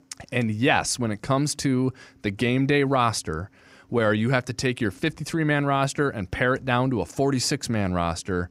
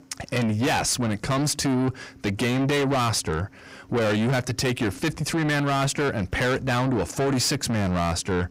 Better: first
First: none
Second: distortion; heavy; 6 dB below the speech

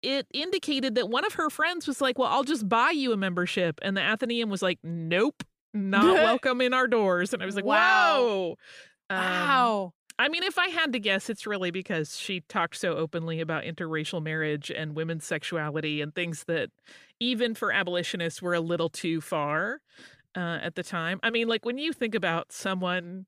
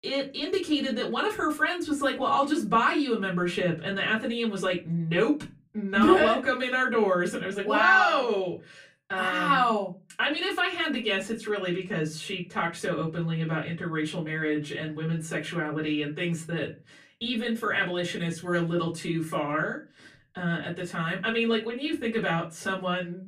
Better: first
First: none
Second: off-mic speech; far // room echo; very slight; dies away in 0.3 s

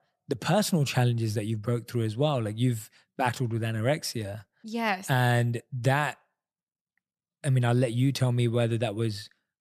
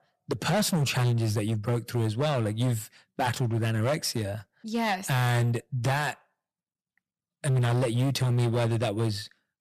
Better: first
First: none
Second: distortion; heavy; 14% of the sound clipped

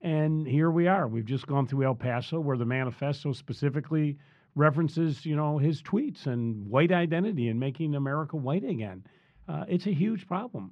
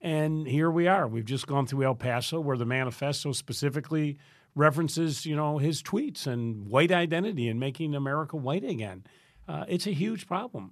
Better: second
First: muffled; slightly; fading above 3 kHz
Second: none

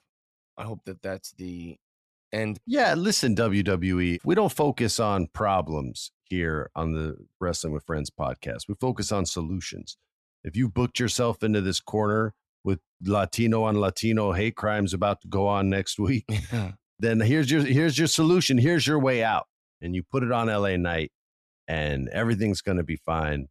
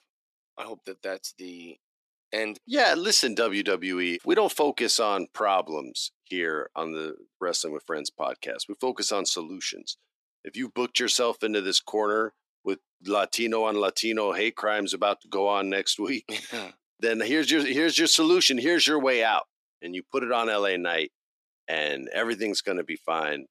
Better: first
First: none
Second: thin; somewhat; fading below 300 Hz

